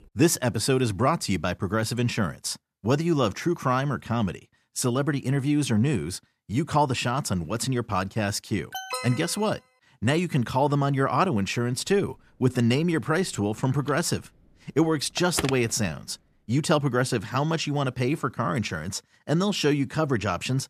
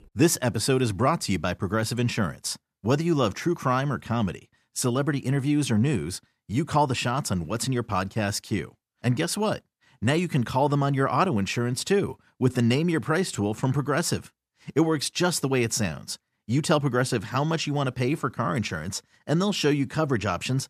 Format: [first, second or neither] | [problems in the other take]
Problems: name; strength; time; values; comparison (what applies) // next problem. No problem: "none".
second | alarm; noticeable; at 8.5 s; peak 6 dB below the speech // phone ringing; noticeable; from 14 to 16 s; peak 6 dB below the speech